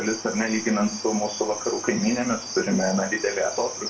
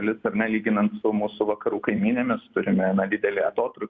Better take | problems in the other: second | background sound (Cricket); 10 dB below the speech // room echo; dies away in 0.3 s

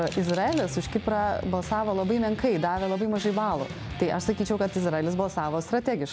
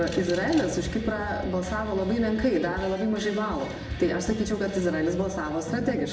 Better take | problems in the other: first | background sound (Bass guitar); 17 dB below the speech // room echo; dies away in 0.8 s

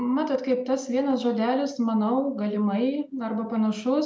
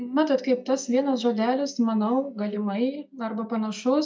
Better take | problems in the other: first | noise reduction (neural mask model DeepFilterNet 3)

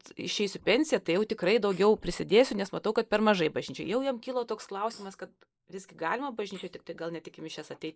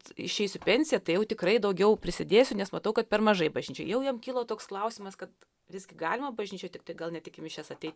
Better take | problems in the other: second | noise reduction (neural mask model Resemble Enhance denoiser)

